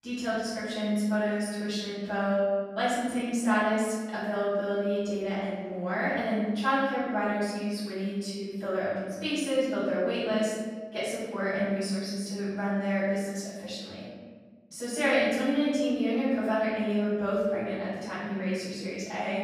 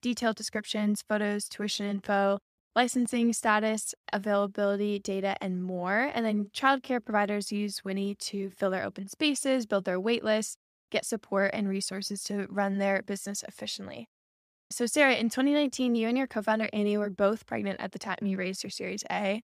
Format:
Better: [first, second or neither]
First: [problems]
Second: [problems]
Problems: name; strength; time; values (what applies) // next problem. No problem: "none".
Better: second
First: off-mic speech; far // room echo; strong; dies away in 1.4 s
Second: none